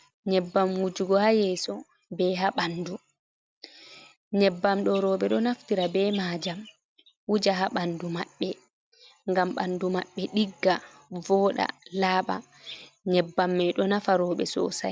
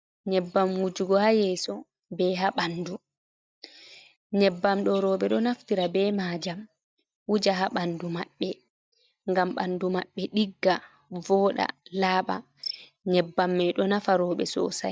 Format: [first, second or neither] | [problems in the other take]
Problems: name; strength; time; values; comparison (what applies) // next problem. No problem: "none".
first | noise reduction (neural mask model DeepFilterNet 3)